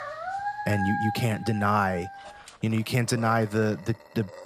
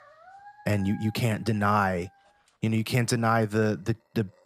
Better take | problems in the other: second | animal sounds; loud; throughout; 8 dB below the speech; faint in the second

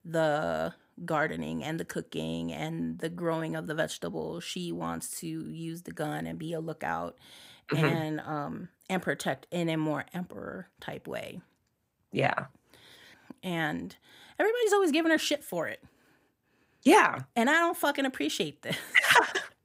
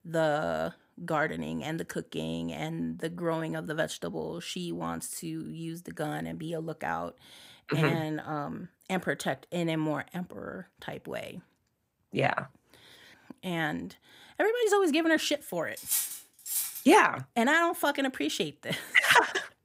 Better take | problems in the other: first | clattering dishes; loud; from 16 to 17 s; peak 1 dB above the speech

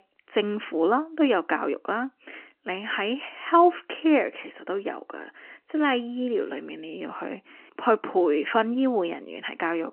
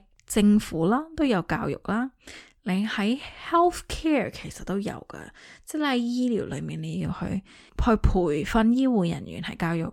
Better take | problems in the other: second | phone-call audio; nothing above 3 kHz

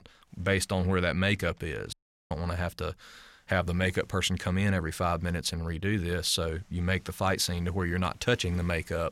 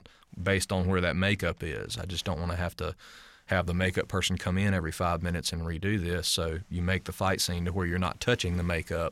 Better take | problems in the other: second | audio cutting out; at 2 s

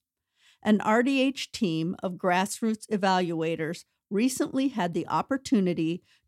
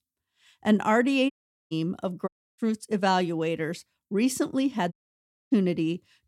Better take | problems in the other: first | audio cutting out; at 1.5 s, at 2.5 s and at 5 s for 0.5 s

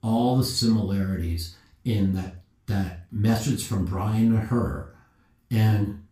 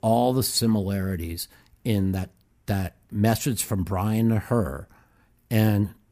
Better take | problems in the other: second | room echo; noticeable; dies away in 0.3 s // off-mic speech; far

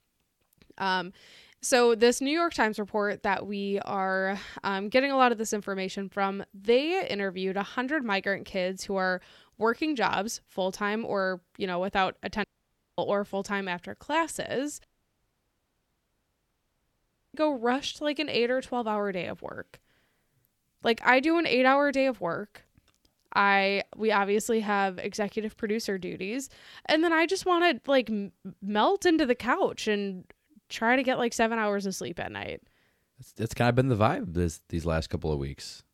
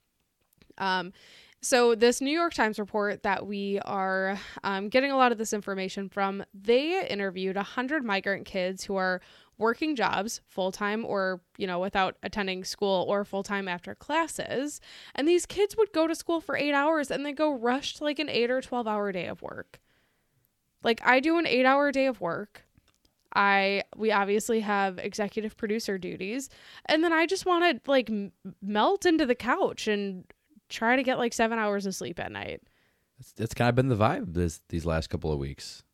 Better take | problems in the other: second | audio cutting out; at 12 s for 0.5 s and at 15 s for 2.5 s

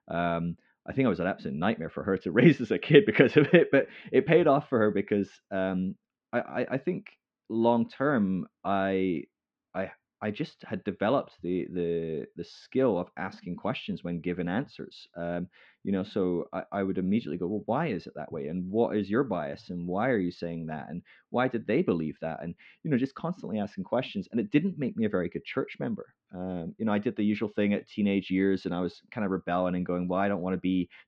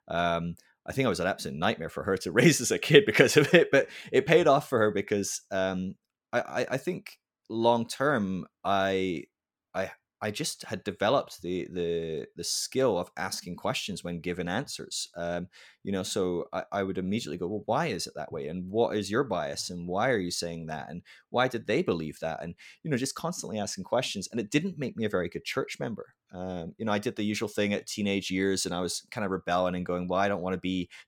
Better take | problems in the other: second | muffled; very; fading above 3 kHz

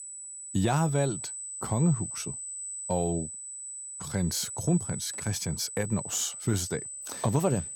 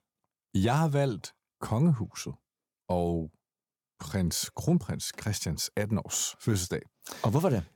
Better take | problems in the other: second | high-pitched whine; loud; throughout; 8 kHz, 7 dB below the speech

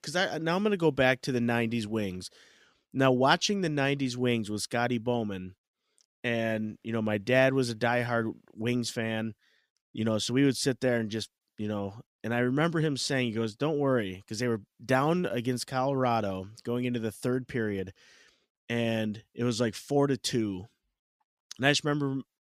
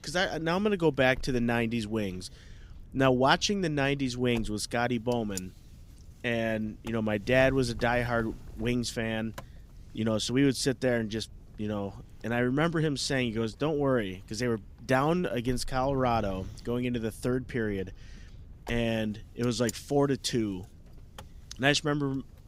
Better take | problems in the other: first | wind noise on the microphone; occasional gusts; 25 dB below the speech

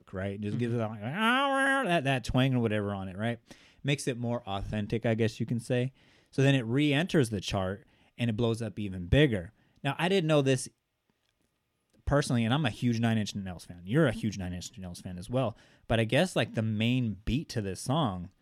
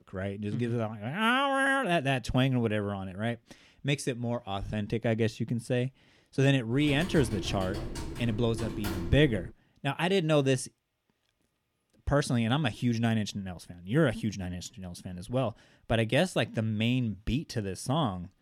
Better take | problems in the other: first | keyboard typing; noticeable; from 7 to 9.5 s; peak 7 dB below the speech

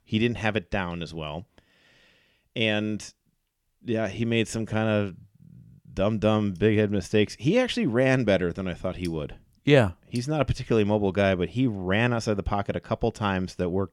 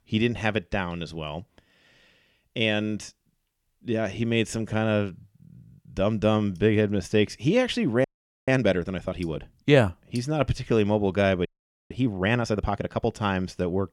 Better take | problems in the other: first | audio freezing; at 8 s and at 11 s

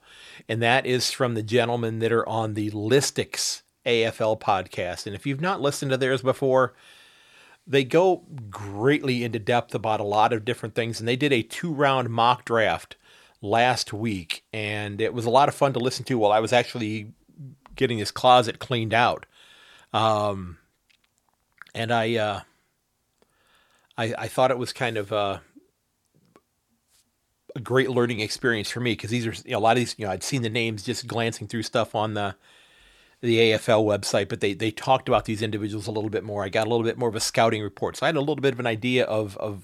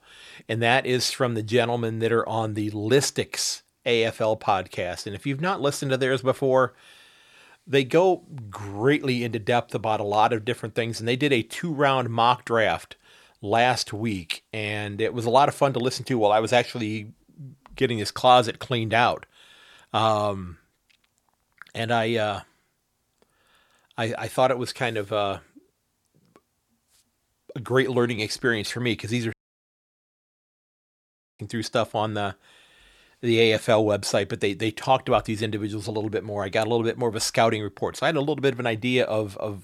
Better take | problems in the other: first | audio cutting out; at 29 s for 2 s

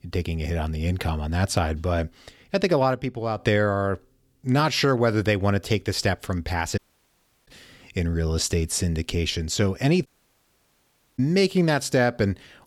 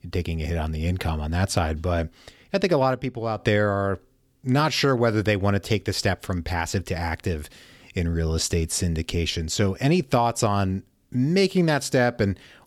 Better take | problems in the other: second | audio cutting out; at 7 s for 0.5 s and at 10 s for 1 s

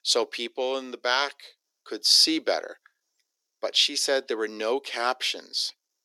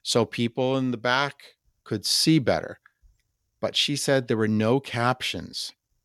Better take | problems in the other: second | thin; very; fading below 350 Hz

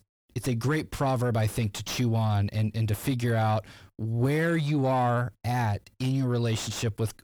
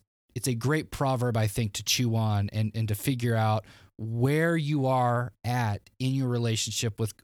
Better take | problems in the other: second | distortion; slight; 10 dB below the speech

